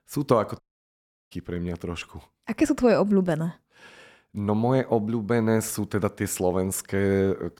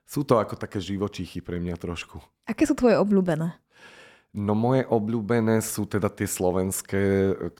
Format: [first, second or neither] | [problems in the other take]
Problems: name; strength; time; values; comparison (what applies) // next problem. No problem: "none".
second | audio cutting out; at 0.5 s for 0.5 s